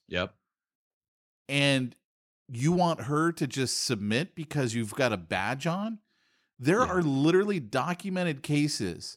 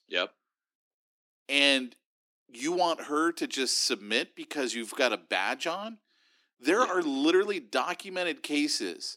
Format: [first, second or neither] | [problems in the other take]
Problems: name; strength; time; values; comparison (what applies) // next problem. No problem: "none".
first | thin; very slightly; fading below 250 Hz